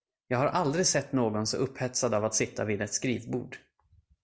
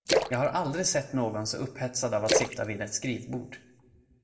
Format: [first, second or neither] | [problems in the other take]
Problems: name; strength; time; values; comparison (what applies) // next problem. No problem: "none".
first | background sound (Splash, splatter); 2 dB below the speech // room echo; dies away in 0.6 s